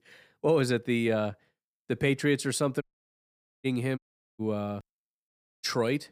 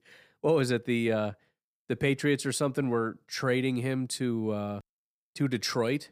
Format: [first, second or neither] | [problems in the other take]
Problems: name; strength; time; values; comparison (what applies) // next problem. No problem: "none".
second | audio cutting out; at 3 s for 1 s, at 4 s and at 5.5 s